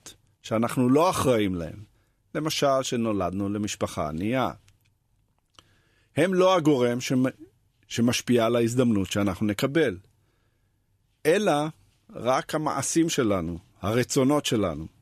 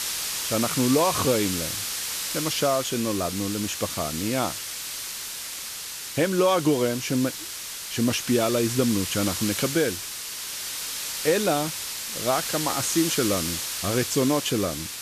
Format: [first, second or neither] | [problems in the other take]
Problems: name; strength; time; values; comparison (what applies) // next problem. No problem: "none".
first | hiss; loud; throughout; 4 dB below the speech